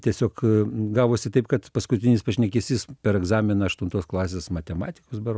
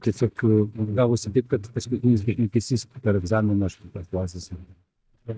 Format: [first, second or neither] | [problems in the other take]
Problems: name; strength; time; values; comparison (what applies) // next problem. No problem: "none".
first | noise reduction (neural mask model DeepFilterNet 3)